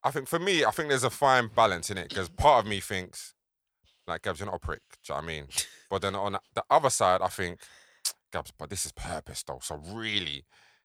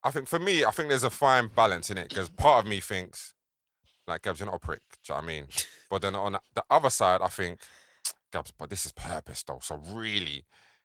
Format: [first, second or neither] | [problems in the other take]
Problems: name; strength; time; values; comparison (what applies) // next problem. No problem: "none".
first | garbled, watery; slightly